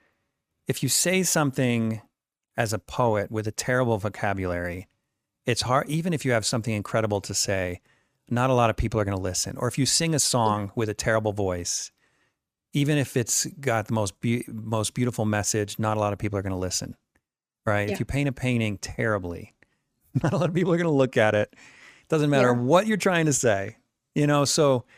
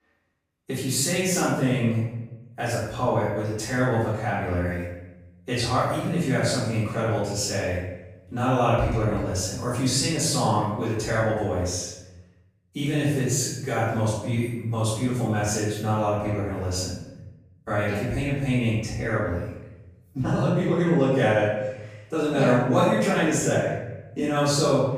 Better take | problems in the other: first | off-mic speech; far // room echo; strong; dies away in 0.9 s

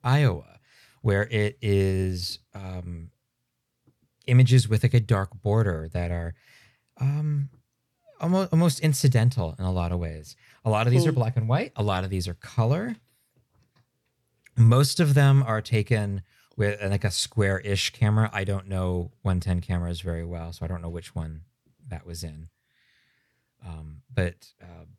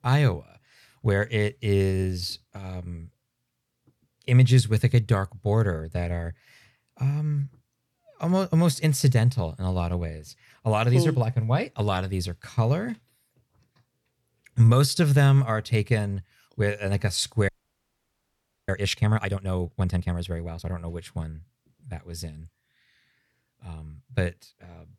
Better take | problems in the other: first | audio freezing; at 17 s for 1 s

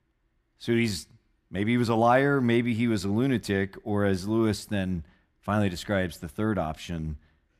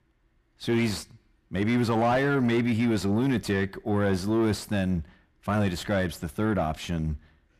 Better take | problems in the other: first | distortion; slight; 10 dB below the speech

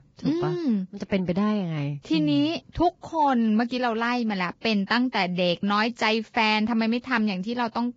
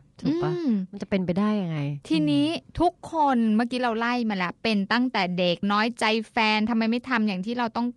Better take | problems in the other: second | garbled, watery; badly; slightly in the second

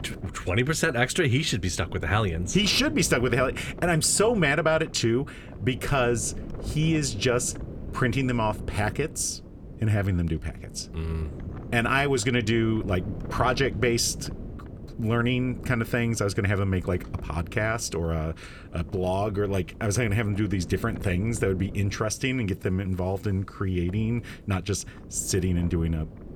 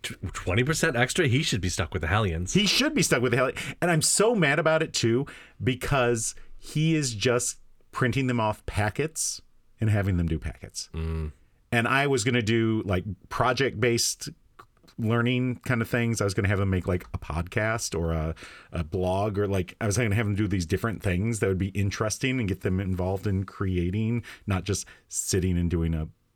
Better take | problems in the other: second | wind noise on the microphone; occasional gusts; 20 dB below the speech

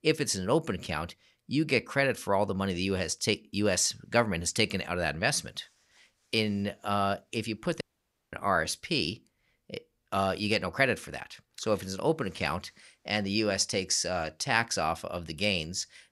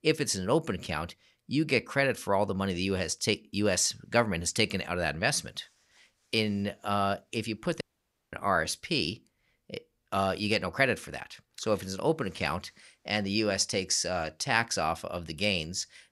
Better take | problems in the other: neither | audio cutting out; at 8 s for 0.5 s; the same in both

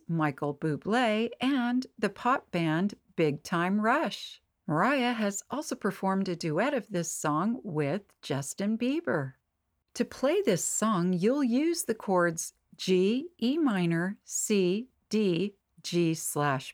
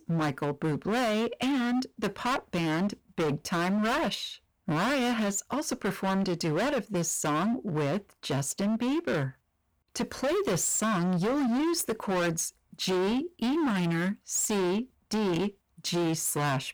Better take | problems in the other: first | distortion; heavy; 27% of the sound clipped

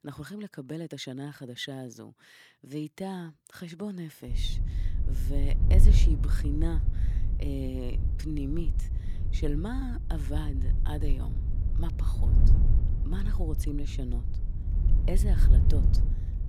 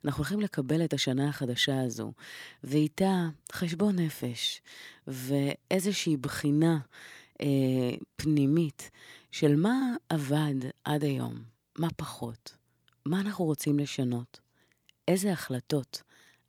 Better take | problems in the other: second | wind noise on the microphone; heavy; from 4.5 s on; 6 dB below the speech

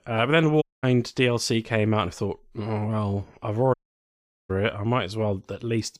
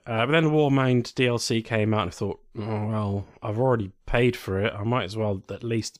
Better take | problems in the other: second | audio cutting out; at 0.5 s and at 3.5 s for 1 s

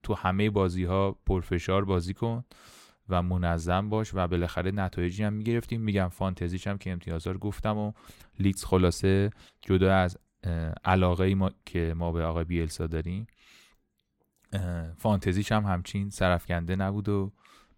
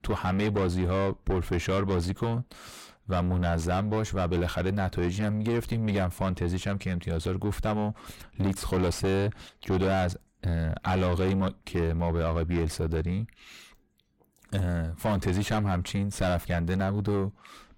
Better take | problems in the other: first | distortion; heavy; 5 dB below the speech

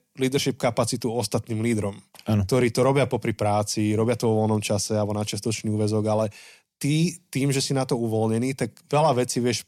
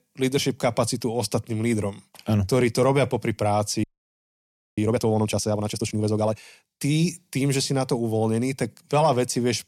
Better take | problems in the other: first | audio freezing; at 4 s for 1 s

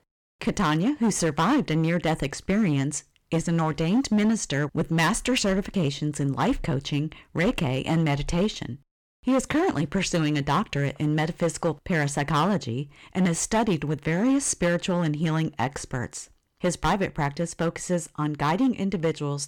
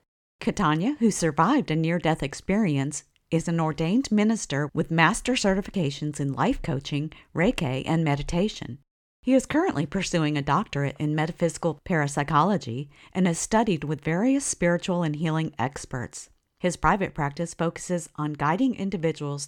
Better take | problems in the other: second | distortion; slight; 7% of the sound clipped

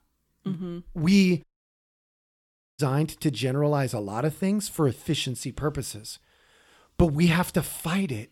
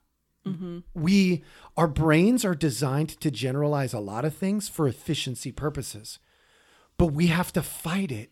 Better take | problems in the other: second | audio cutting out; at 1.5 s for 1.5 s

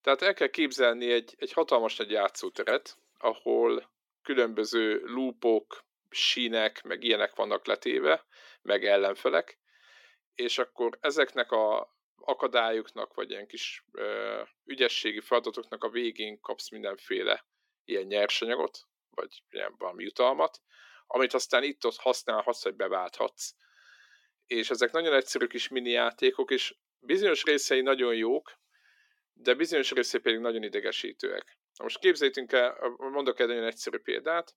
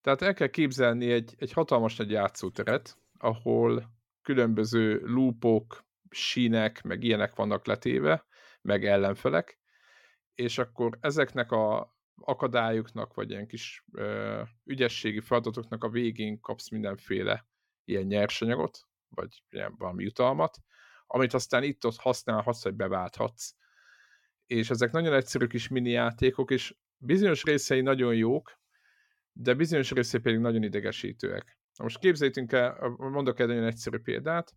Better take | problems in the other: second | thin; somewhat; fading below 300 Hz

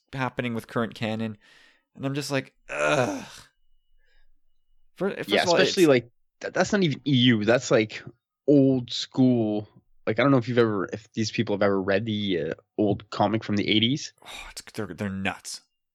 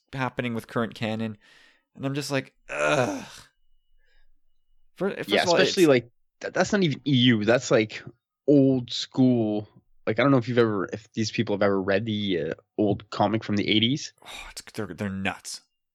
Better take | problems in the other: neither | none

